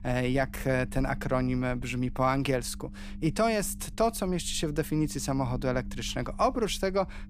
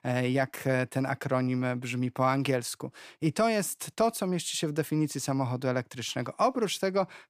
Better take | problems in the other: second | low rumble; faint; throughout; 25 dB below the speech

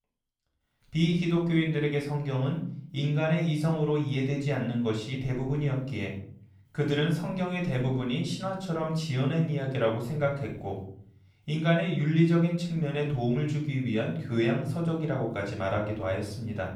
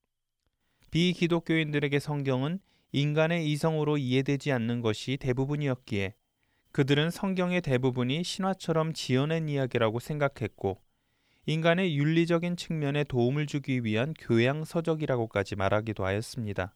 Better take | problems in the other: second | off-mic speech; far // room echo; noticeable; dies away in 0.7 s

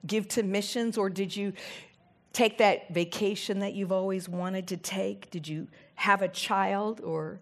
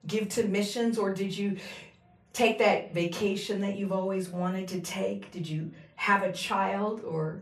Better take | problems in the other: first | off-mic speech; far // room echo; very slight; dies away in 0.2 s

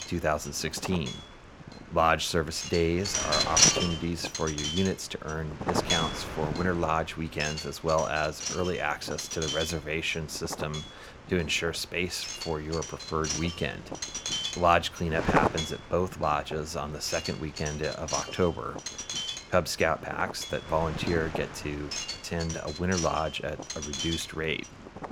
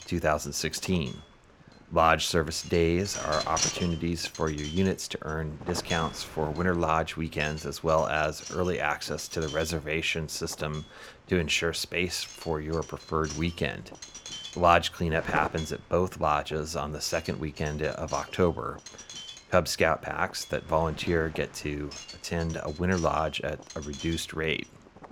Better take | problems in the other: second | wind noise on the microphone; heavy; 2 dB below the speech; occasional gusts in the second

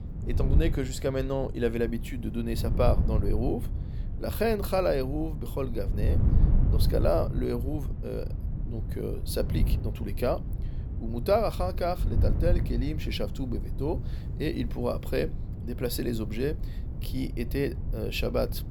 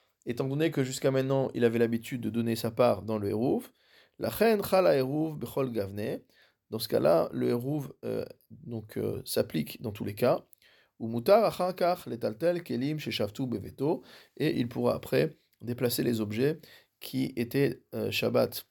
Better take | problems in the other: second | wind noise on the microphone; occasional gusts; 15 dB below the speech

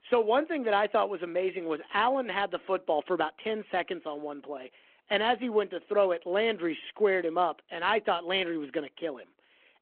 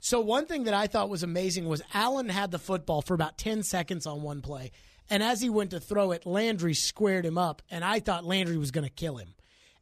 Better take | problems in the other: second | phone-call audio

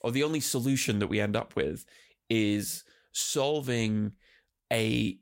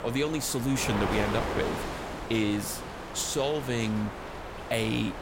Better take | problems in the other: first | wind noise on the microphone; heavy; 4 dB below the speech

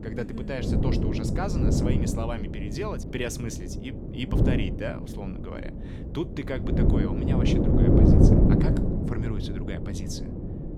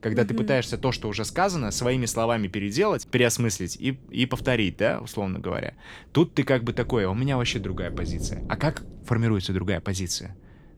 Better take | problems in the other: second | wind noise on the microphone; heavy; 5 dB above the speech; occasional gusts in the second

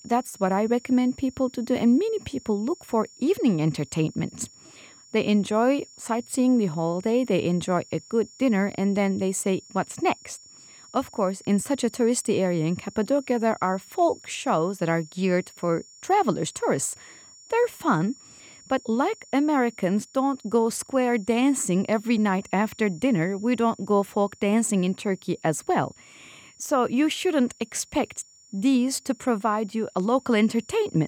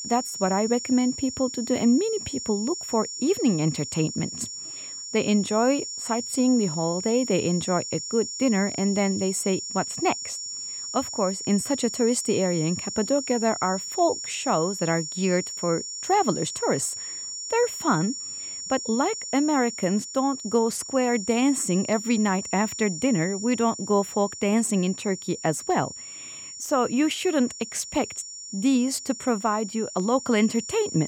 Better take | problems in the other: first | high-pitched whine; loud; throughout; 7 kHz, 7 dB below the speech; faint in the first

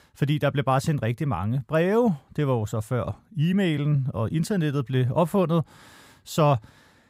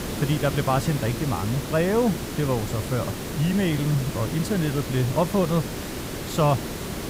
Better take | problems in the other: first | hiss; loud; throughout; 6 dB below the speech

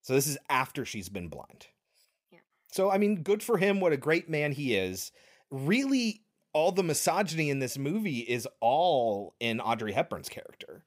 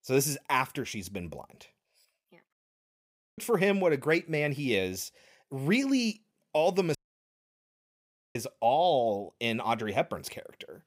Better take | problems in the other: first | audio cutting out; at 2.5 s for 1 s and at 7 s for 1.5 s

